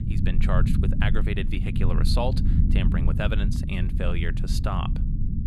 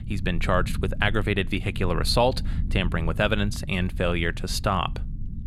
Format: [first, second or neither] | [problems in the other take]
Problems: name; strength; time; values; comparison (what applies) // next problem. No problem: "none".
second | low rumble; loud; throughout; 5 dB below the speech; faint in the second